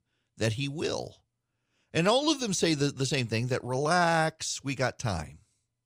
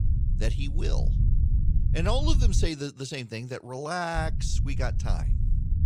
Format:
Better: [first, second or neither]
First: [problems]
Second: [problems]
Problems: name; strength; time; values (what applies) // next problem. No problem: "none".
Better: first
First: none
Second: low rumble; noticeable; until 2.5 s and from 4 s on; 10 dB below the speech